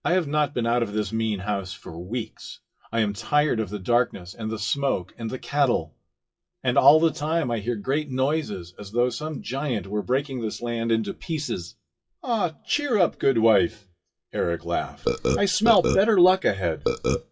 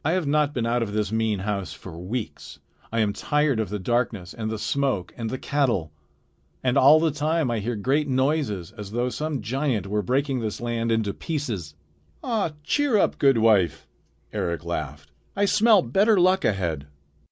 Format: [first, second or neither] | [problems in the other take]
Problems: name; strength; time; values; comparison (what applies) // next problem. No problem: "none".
second | noise reduction (classical method WPE with log-MMSE)